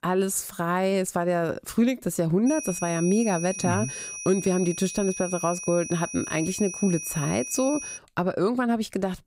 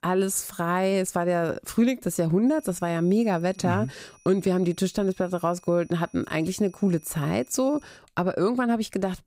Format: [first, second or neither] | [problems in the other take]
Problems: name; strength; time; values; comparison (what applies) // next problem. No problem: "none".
second | high-pitched whine; loud; from 2.5 to 8 s; 6 kHz, 8 dB below the speech; faint in the second